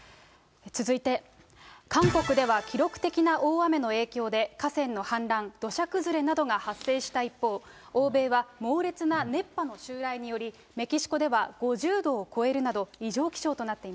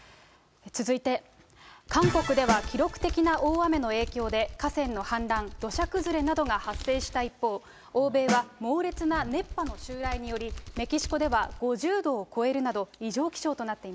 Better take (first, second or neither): first